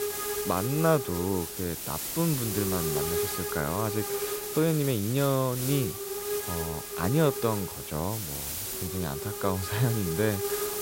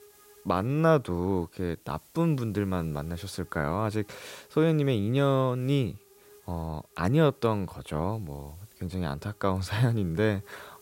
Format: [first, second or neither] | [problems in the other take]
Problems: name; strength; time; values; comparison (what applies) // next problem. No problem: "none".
second | hiss; loud; throughout; 2 dB below the speech; faint in the second